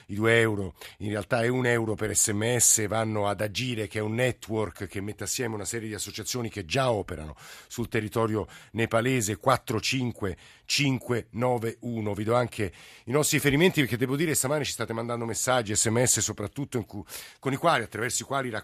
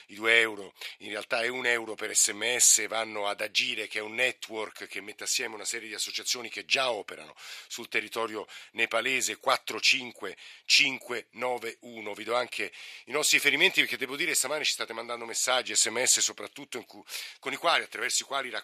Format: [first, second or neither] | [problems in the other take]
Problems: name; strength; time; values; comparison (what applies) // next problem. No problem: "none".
first | thin; somewhat; fading below 450 Hz